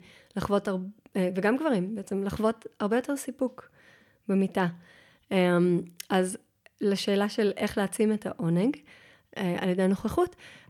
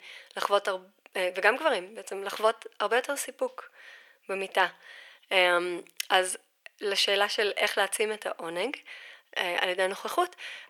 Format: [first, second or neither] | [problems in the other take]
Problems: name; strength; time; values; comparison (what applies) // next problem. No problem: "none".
first | thin; very; fading below 550 Hz